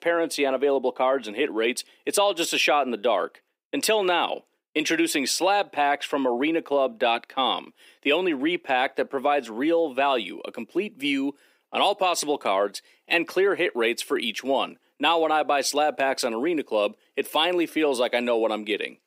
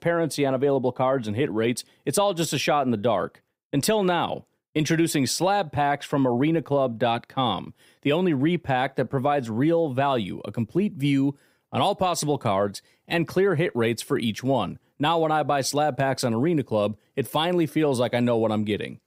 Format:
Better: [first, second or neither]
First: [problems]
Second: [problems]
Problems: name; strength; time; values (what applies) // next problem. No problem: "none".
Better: second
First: thin; somewhat; fading below 300 Hz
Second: none